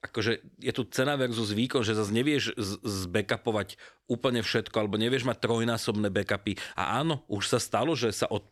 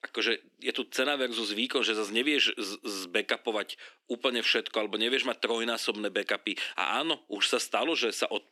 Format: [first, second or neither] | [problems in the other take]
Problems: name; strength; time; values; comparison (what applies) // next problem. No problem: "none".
first | thin; very slightly; fading below 250 Hz